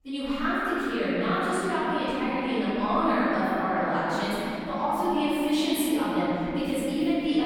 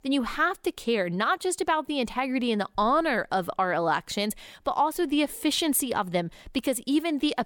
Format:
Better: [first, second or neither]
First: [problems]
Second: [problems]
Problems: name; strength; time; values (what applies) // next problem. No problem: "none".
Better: second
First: off-mic speech; far // room echo; strong; dies away in 3 s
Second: none